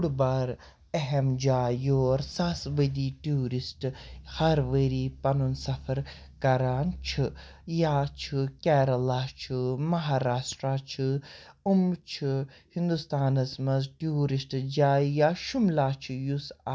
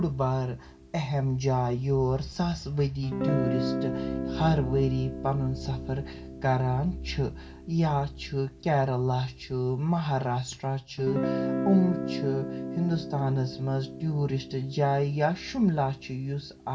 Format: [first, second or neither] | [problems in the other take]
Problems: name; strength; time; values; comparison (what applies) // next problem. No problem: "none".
first | background sound (Guitar); 8 dB below the speech // room echo; dies away in 0.2 s